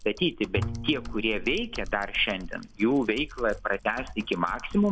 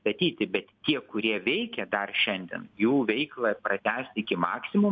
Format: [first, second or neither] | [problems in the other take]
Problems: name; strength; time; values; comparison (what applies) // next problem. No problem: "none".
second | background sound (Bowed string instrument + Typing); 10 dB below the speech